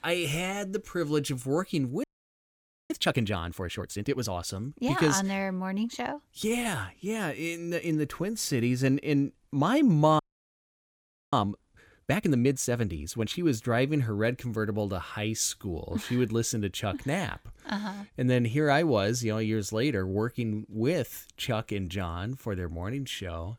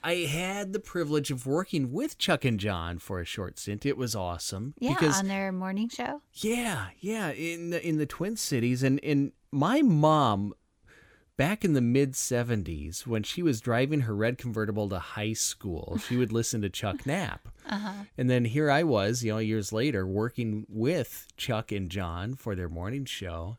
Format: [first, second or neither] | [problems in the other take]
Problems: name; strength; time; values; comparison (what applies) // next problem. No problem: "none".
second | audio freezing; at 2 s for 1 s and at 10 s for 1 s